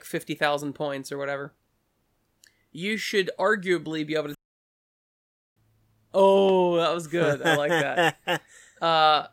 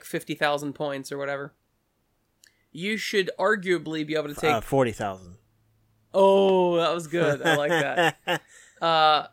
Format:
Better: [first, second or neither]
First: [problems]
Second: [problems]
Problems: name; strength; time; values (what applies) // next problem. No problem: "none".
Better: second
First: audio cutting out; at 4.5 s for 1 s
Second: none